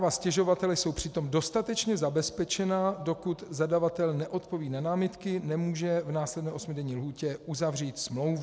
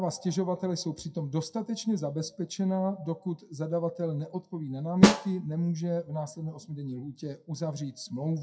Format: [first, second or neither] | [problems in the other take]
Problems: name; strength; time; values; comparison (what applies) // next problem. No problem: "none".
first | noise reduction (classical method WPE with log-MMSE)